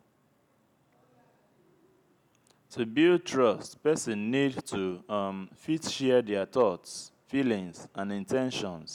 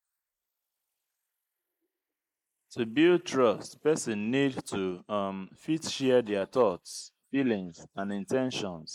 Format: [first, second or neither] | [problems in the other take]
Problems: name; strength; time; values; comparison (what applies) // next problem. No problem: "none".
first | noise reduction (neural mask model Resemble Enhance denoiser)